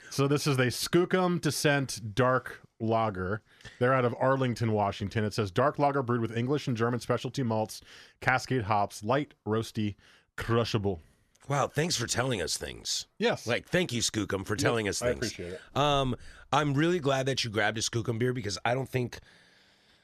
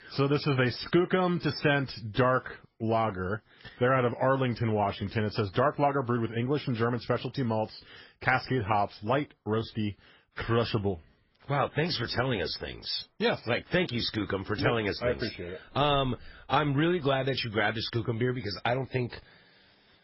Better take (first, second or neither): first